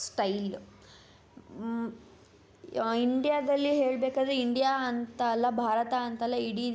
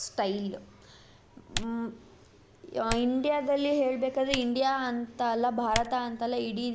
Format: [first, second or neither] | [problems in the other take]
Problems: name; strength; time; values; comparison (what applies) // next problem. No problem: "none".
first | background sound (Typing); 12 dB below the speech